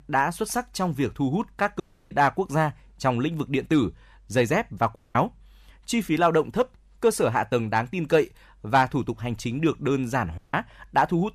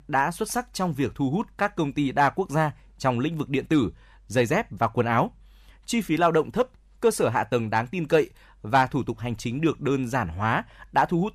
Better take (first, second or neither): second